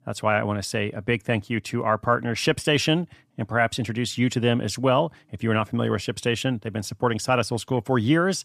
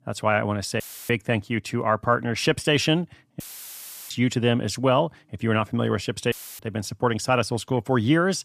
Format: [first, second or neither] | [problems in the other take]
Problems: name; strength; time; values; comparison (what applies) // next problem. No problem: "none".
first | audio cutting out; filled with static; at 1 s, at 3.5 s for 0.5 s and at 6.5 s